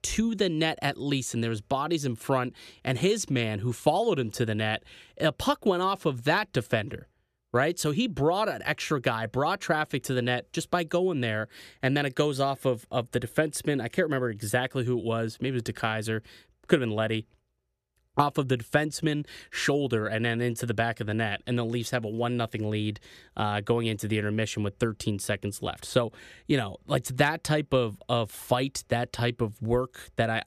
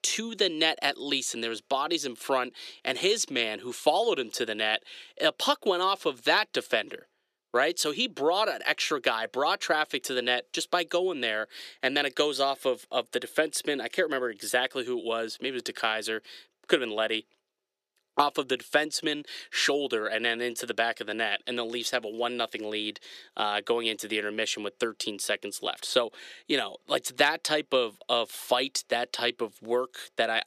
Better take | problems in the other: first | thin; somewhat; fading below 350 Hz

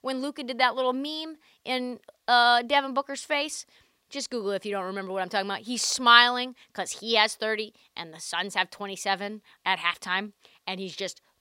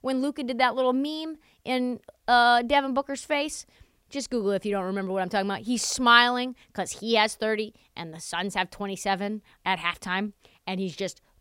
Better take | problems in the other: second | thin; very slightly; fading below 750 Hz

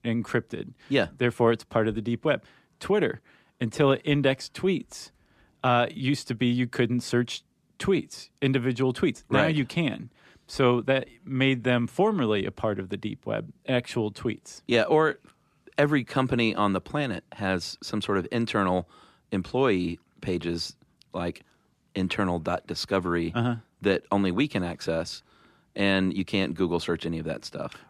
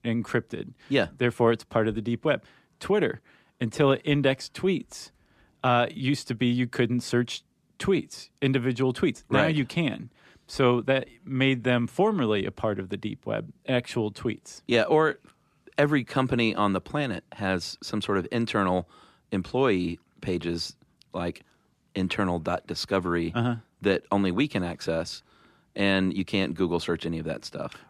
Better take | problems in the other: neither | none

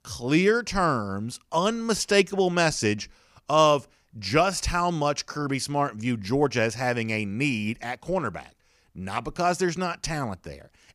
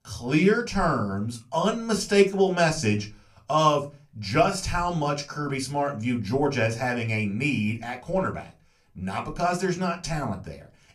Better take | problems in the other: first | off-mic speech; somewhat distant // room echo; very slight; dies away in 0.2 s

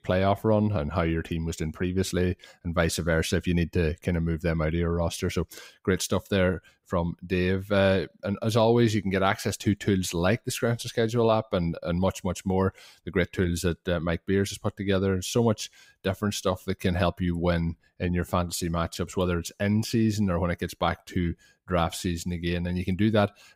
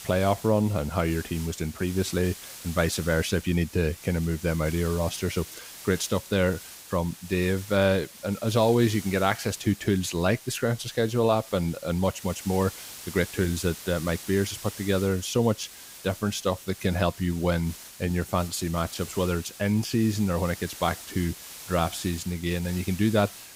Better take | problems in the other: first | hiss; noticeable; throughout; 15 dB below the speech

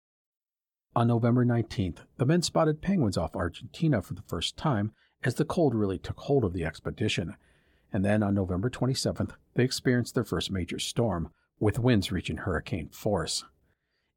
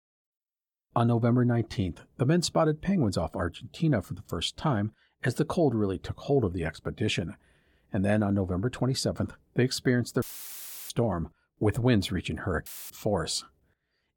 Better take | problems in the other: first | audio cutting out; filled with static; at 10 s for 0.5 s and at 13 s

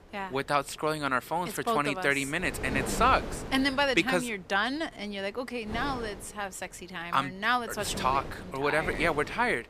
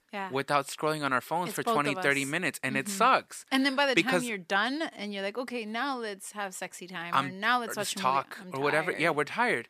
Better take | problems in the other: second | wind noise on the microphone; occasional gusts; 15 dB below the speech

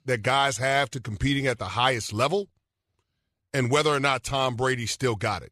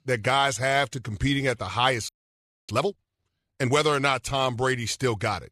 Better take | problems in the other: first | audio freezing; at 2 s for 0.5 s

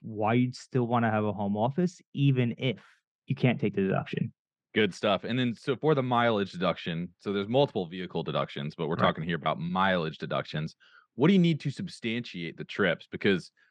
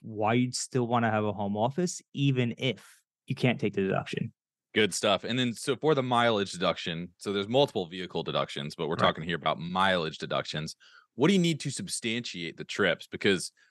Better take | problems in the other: second | muffled; slightly; fading above 3 kHz

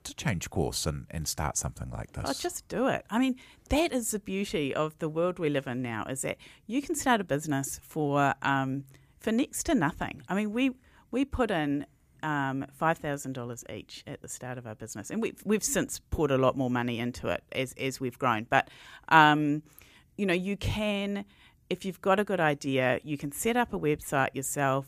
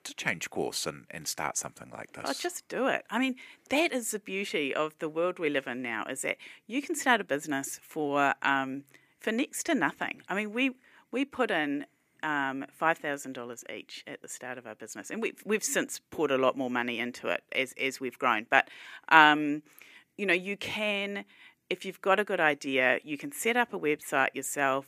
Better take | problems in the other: first | thin; very slightly; fading below 300 Hz

